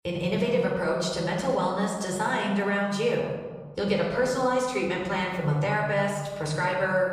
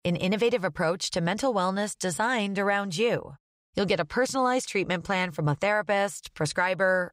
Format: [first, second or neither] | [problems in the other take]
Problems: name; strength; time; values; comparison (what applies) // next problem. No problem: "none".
second | room echo; noticeable; dies away in 1.5 s // off-mic speech; far